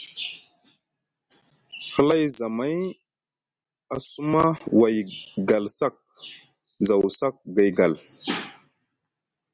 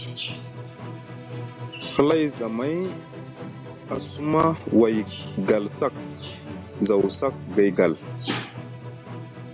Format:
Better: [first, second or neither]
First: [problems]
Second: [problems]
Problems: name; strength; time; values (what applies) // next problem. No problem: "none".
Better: first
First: none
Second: background sound (Musical instrument); 11 dB below the speech